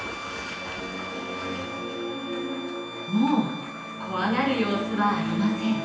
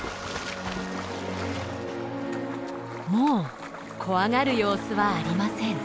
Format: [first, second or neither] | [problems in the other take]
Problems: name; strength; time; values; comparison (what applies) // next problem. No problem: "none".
second | background sound (Bowed string instrument); 12 dB below the speech // room echo; dies away in 0.9 s